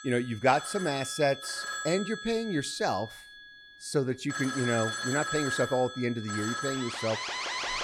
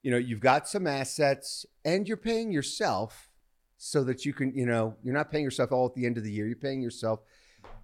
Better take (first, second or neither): second